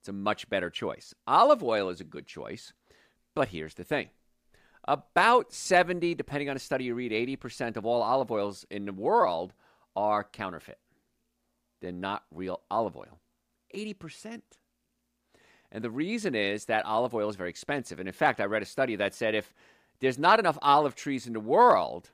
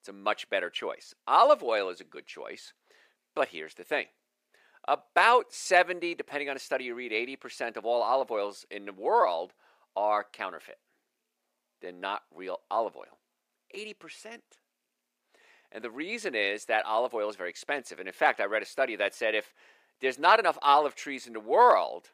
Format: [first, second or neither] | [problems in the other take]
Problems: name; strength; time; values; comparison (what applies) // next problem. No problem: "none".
first | thin; somewhat; fading below 500 Hz